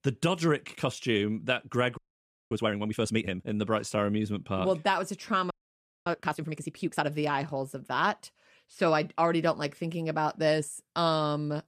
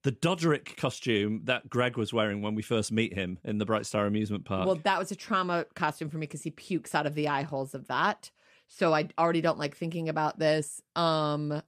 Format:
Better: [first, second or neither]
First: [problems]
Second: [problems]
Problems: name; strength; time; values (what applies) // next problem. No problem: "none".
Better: second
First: audio freezing; at 2 s for 0.5 s and at 5.5 s for 0.5 s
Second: none